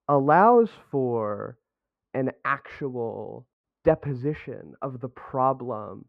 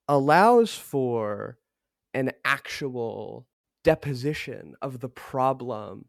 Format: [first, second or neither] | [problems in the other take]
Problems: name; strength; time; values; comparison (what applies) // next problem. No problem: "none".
second | muffled; very; fading above 3.5 kHz